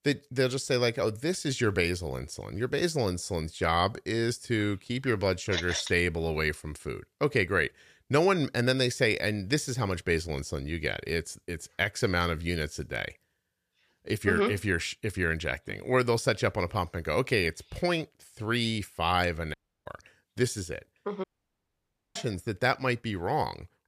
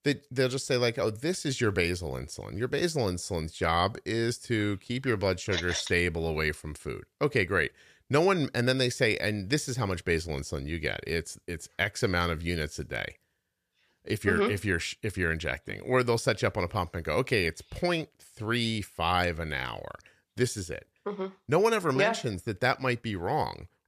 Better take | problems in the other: second | audio cutting out; at 20 s and at 21 s for 1 s

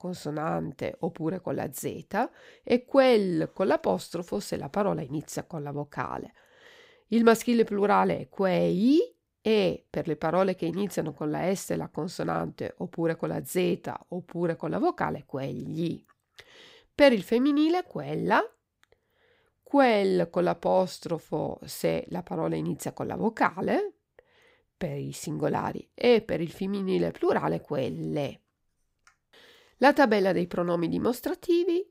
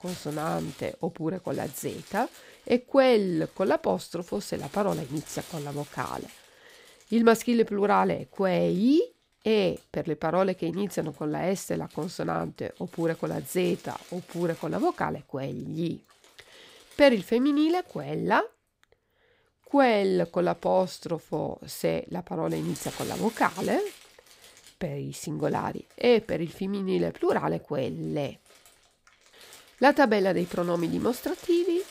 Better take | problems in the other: first | household noises; faint; throughout; 20 dB below the speech

